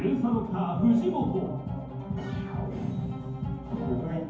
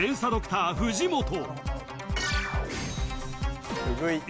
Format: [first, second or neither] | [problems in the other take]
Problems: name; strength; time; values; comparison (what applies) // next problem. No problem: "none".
second | room echo; dies away in 0.9 s